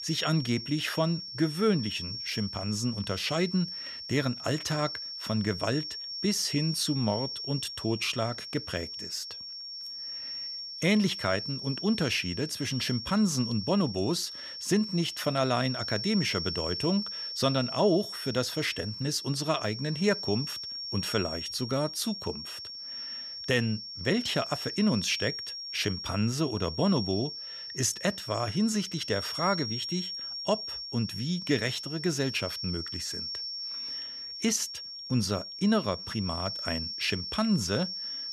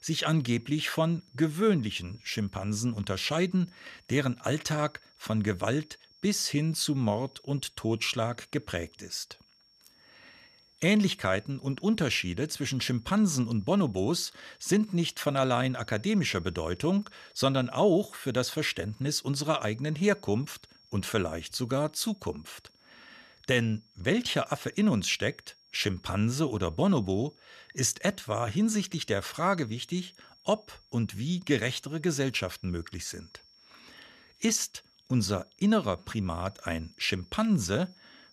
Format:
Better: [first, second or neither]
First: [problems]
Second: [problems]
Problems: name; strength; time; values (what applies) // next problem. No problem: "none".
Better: second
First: high-pitched whine; loud; throughout; 5.5 kHz, 5 dB below the speech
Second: high-pitched whine; faint; throughout; 5.5 kHz, 30 dB below the speech